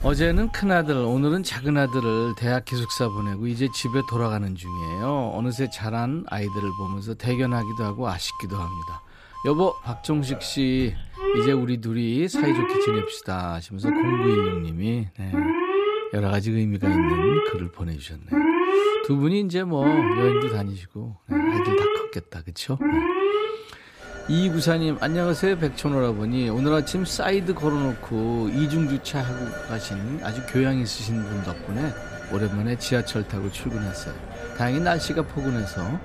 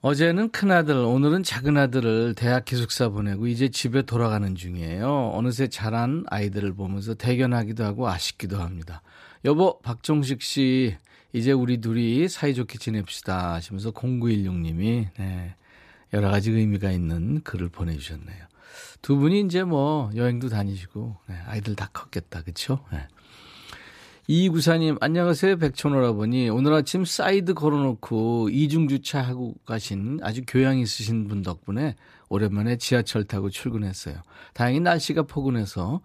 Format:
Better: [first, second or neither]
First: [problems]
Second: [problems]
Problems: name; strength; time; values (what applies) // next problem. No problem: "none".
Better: second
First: alarms or sirens; loud; throughout; 2 dB below the speech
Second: none